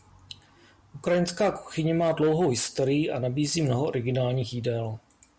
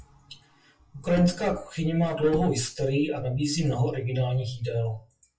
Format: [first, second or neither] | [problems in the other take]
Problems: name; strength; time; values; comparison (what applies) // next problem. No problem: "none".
first | noise reduction (classical method WPE with log-MMSE)